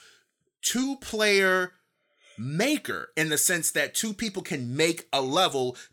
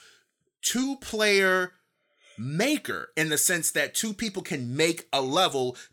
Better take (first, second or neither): neither